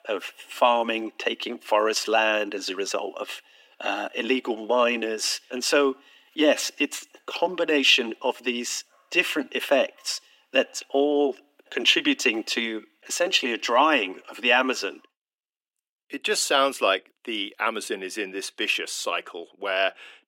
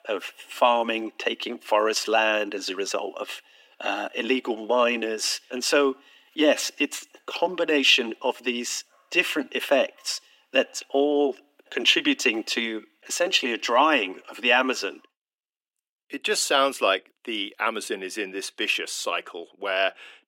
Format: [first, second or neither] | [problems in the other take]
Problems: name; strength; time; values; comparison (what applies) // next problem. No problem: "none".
neither | thin; somewhat; fading below 300 Hz; the same in both